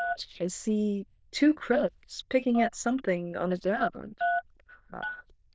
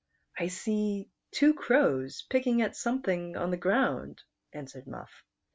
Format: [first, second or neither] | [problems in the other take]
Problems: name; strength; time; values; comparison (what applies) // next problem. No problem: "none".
second | noise reduction (neural diffusion model UNIVERSE++)